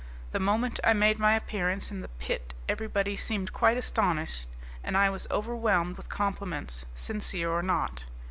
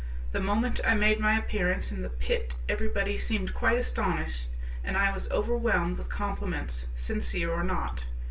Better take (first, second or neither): first